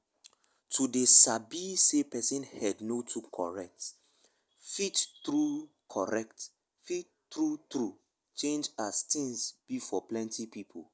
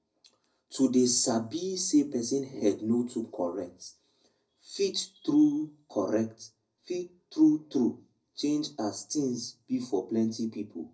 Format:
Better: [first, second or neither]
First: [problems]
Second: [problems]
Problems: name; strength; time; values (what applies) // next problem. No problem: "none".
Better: first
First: none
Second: room echo; dies away in 0.4 s